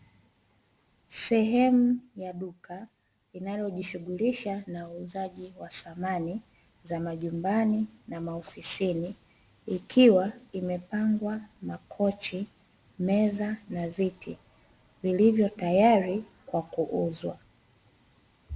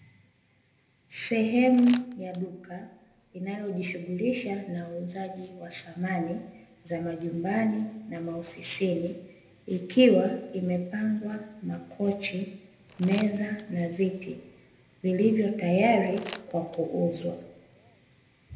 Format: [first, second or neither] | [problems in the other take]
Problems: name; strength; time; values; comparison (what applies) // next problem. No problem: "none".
first | background sound (Crumpling, crinkling); 20 dB below the speech // room echo; dies away in 0.8 s